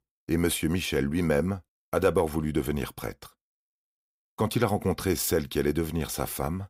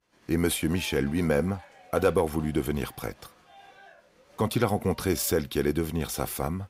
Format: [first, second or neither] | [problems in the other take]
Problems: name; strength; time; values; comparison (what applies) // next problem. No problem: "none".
first | crowd noise; faint; throughout; 25 dB below the speech